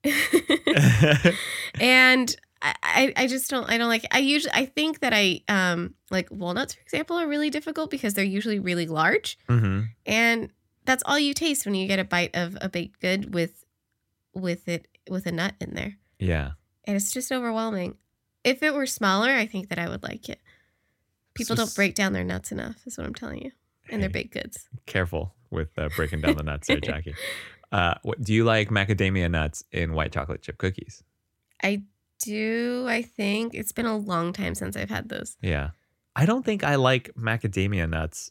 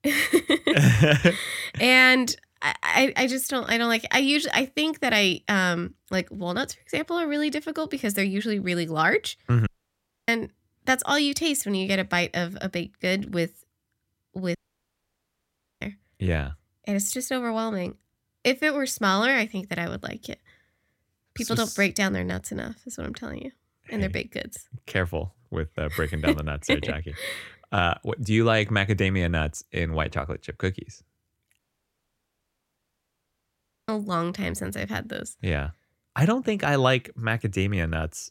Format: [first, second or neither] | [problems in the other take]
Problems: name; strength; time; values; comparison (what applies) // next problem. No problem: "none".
first | audio cutting out; at 9.5 s for 0.5 s, at 15 s for 1.5 s and at 32 s for 2.5 s